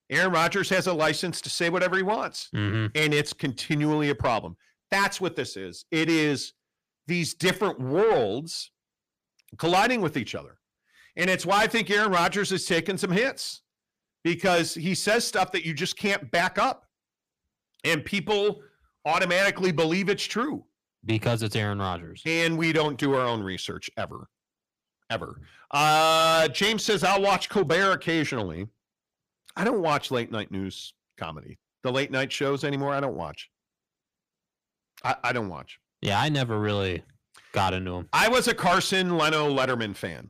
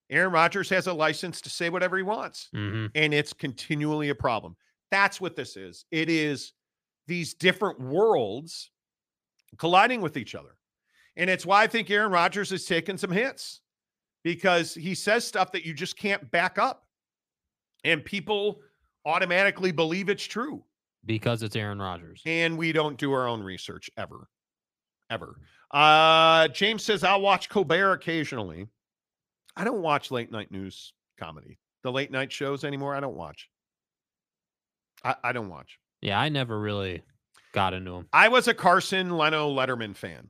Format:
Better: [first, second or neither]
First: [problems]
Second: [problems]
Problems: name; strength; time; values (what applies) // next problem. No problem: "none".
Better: second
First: distortion; heavy; 7 dB below the speech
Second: none